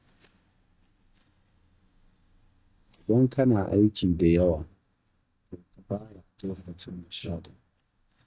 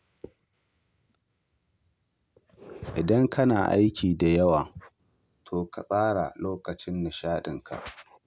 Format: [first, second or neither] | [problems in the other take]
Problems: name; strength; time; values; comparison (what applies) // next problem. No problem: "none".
second | noise reduction (neural mask model DeepFilterNet 3)